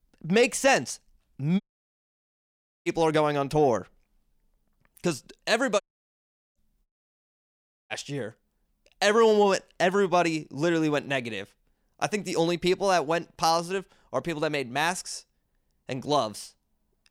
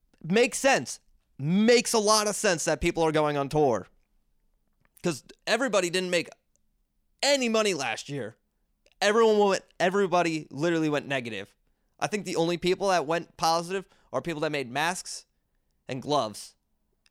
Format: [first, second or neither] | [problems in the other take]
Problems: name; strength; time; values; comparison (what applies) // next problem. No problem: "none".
second | audio cutting out; at 1.5 s for 1.5 s, at 6 s for 1 s and at 7 s for 1 s